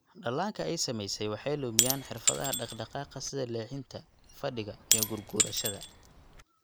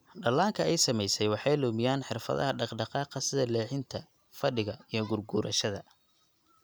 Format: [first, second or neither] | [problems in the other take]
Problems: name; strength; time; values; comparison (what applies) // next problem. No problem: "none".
second | background sound (Shatter / Crushing); 2 dB above the speech